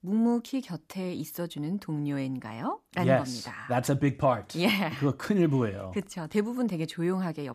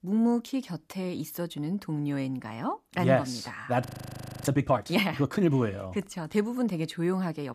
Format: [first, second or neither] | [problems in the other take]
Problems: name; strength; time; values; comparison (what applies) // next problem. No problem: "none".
first | audio freezing; at 4 s for 0.5 s